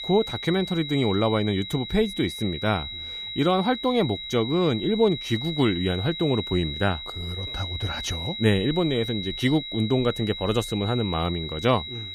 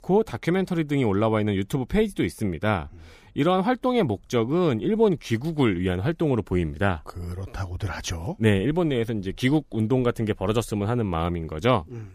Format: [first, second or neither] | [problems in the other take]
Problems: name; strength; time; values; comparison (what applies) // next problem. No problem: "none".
second | high-pitched whine; loud; throughout; 4 kHz, 7 dB below the speech